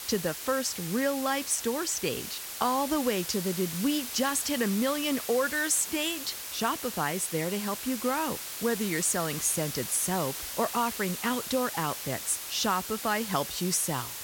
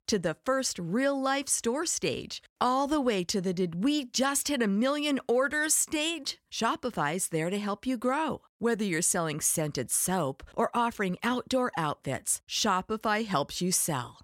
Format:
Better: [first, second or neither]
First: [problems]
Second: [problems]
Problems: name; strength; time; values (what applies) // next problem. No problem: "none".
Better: second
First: hiss; loud; throughout; 6 dB below the speech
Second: none